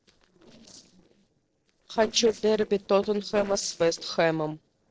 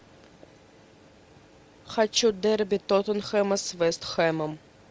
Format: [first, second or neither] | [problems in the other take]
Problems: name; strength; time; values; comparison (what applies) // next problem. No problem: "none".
second | noise reduction (neural separator model SepFormer DNS4)